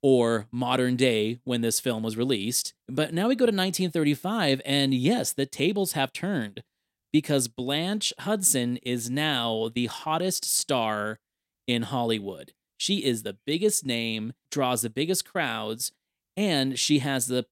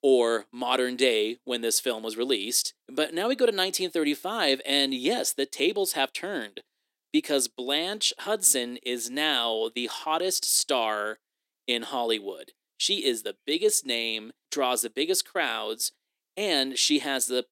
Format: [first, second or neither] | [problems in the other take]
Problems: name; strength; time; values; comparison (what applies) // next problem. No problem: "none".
first | thin; somewhat; fading below 350 Hz